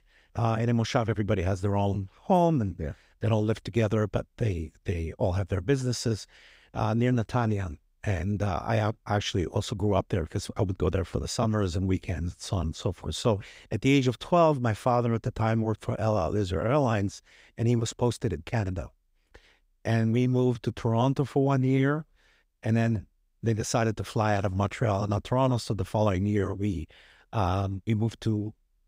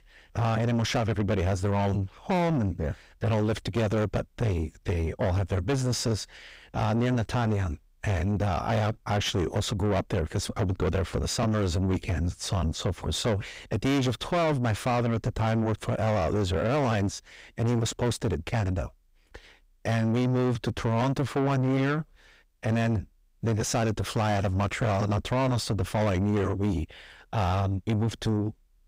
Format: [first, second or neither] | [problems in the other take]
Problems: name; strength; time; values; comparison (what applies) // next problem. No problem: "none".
first | distortion; heavy; 6 dB below the speech